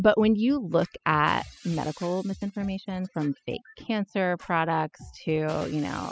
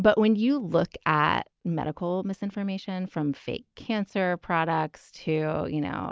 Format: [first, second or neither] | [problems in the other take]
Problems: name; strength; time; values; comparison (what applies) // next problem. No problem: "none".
second | noise reduction (classical method spectral subtraction)